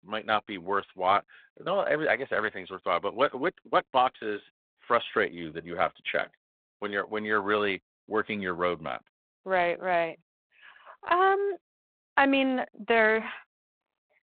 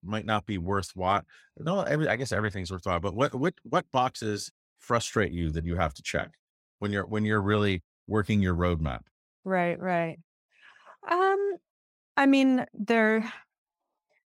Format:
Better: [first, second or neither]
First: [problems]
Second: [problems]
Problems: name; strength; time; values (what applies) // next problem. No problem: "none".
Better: second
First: phone-call audio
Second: none